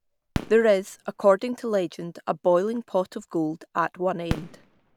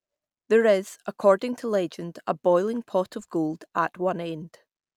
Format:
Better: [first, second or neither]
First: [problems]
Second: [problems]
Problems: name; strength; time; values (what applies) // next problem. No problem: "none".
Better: second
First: background sound (Fireworks); 14 dB below the speech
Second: none